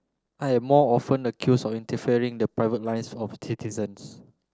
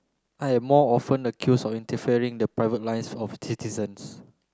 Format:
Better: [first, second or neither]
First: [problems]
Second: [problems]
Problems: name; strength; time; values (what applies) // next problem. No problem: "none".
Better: second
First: noise reduction (neural separator model SepFormer DNS4)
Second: none